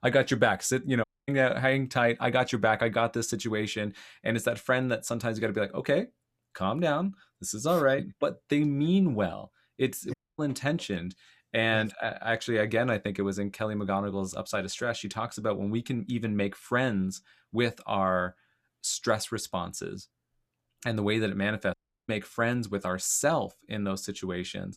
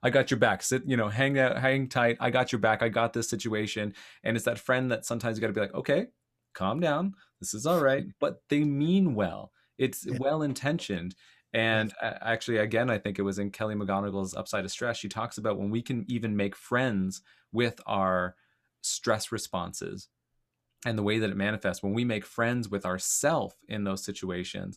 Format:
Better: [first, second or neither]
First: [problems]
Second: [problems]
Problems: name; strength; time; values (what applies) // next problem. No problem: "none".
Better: second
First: audio cutting out; at 1 s, at 10 s and at 22 s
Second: none